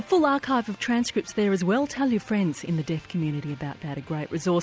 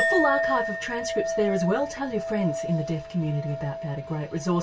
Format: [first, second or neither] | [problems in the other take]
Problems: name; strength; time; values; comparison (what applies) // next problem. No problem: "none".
first | background sound (Chink, clink); 2 dB below the speech // room echo; dies away in 0.1 s